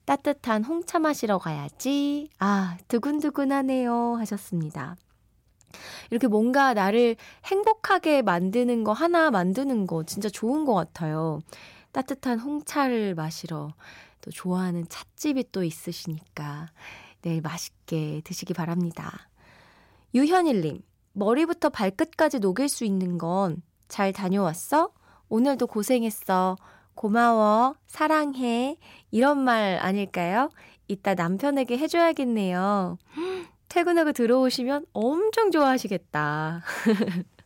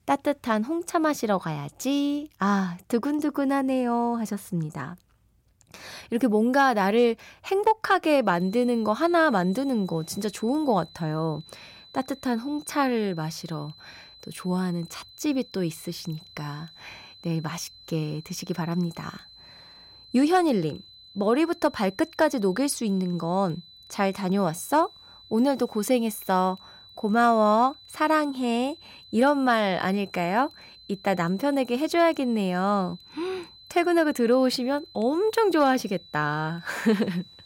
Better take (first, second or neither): first